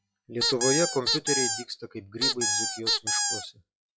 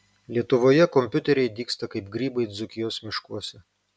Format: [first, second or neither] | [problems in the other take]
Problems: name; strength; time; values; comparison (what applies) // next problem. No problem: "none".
second | noise reduction (classical method log-MMSE)